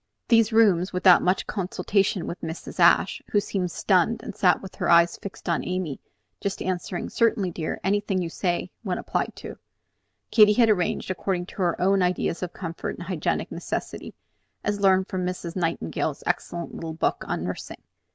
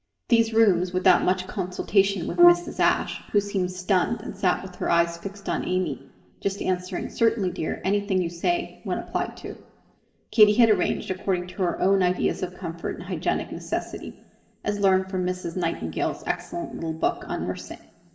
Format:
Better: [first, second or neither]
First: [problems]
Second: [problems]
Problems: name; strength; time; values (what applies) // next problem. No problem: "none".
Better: first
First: none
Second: background sound (Brass instrument); 2 dB above the speech // room echo; dies away in 2.3 s